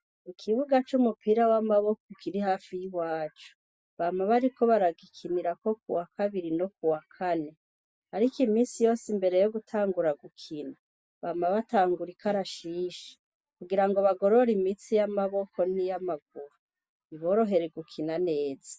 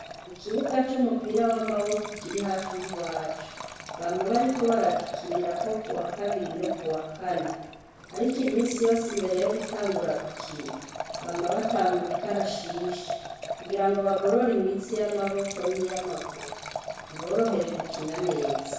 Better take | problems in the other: first | background sound (Liquid); 8 dB below the speech // room echo; dies away in 1 s

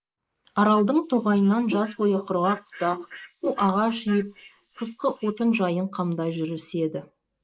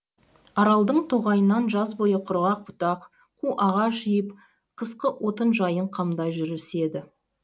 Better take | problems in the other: second | noise reduction (neural mask model Resemble Enhance denoiser)

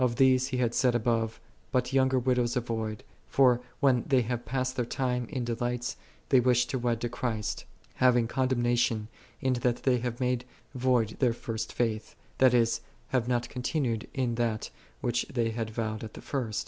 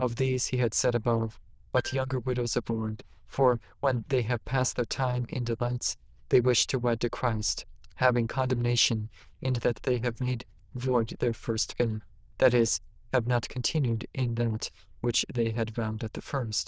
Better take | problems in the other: first | noise reduction (neural diffusion model UNIVERSE++)

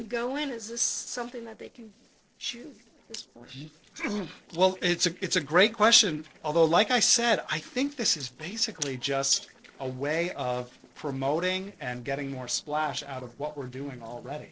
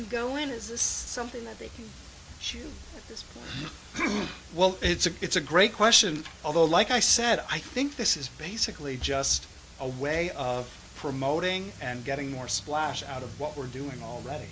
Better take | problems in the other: second | noise reduction (neural separator model SepFormer DNS4)

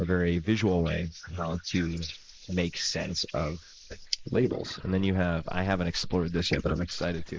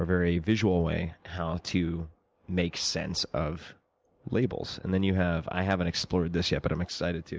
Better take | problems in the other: second | noise reduction (neural mask model Resemble Enhance denoiser)

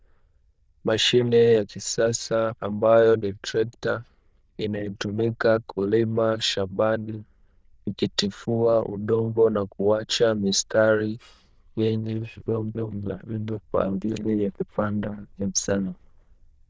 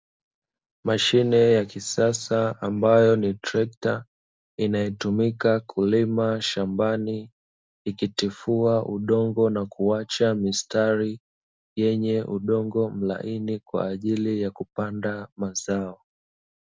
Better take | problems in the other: second | noise reduction (neural diffusion model UNIVERSE++)

